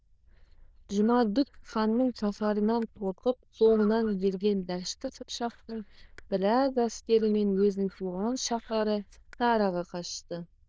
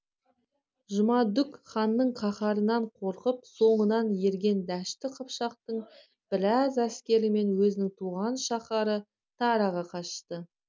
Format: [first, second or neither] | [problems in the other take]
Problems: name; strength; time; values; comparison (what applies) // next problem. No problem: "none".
second | noise reduction (neural diffusion model UNIVERSE++)